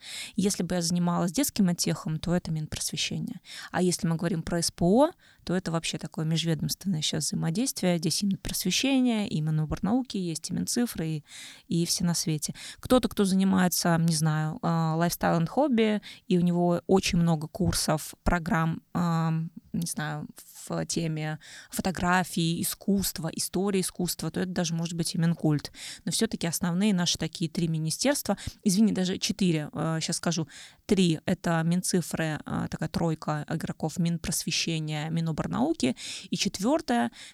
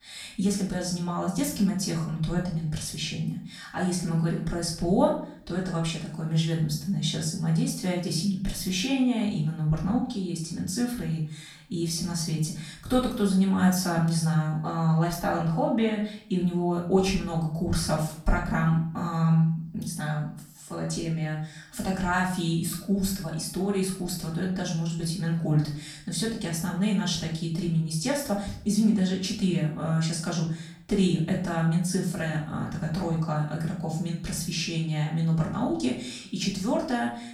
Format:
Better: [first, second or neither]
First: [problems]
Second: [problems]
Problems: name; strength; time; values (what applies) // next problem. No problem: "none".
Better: first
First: none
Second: off-mic speech; far // room echo; noticeable; dies away in 0.5 s